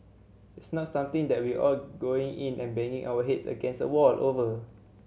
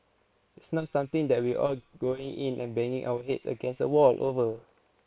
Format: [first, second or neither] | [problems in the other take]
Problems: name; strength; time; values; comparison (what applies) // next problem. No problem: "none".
first | noise reduction (neural separator model SepFormer WHAM!)